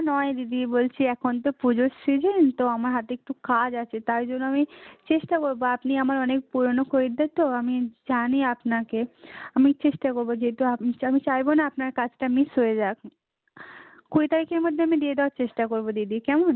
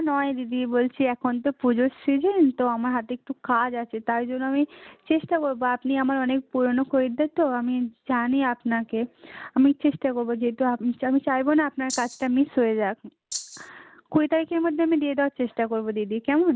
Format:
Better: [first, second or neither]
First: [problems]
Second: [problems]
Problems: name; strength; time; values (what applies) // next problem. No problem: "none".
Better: first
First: none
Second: background sound (Rattle (instrument)); 11 dB below the speech